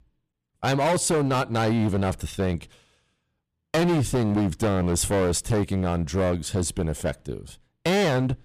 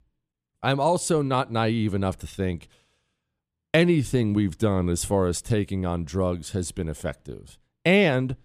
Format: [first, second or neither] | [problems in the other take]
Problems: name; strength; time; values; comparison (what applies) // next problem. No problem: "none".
second | distortion; heavy; 17% of the sound clipped